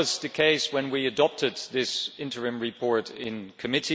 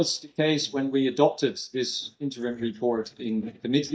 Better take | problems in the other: first | noise reduction (neural mask model DeepFilterNet 3)

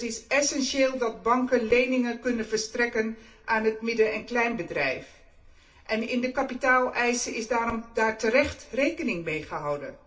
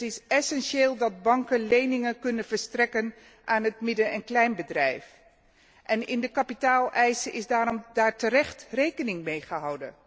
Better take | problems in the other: second | room echo; dies away in 0.3 s

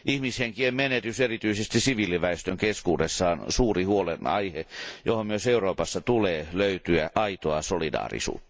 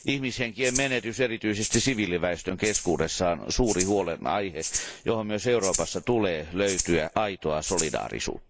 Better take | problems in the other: first | noise reduction (neural mask model Resemble Enhance denoiser)

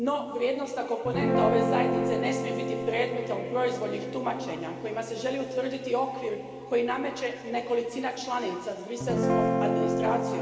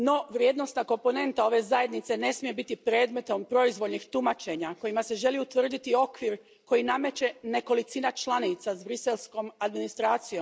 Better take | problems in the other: second | background sound (Guitar); 1 dB below the speech // room echo; dies away in 2.5 s

